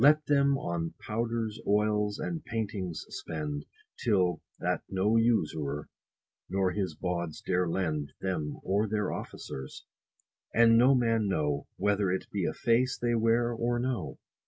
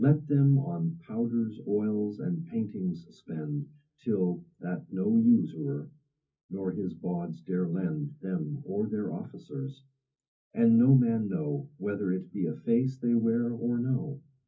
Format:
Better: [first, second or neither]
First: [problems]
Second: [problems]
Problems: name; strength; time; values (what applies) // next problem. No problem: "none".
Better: first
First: none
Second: room echo; dies away in 0.3 s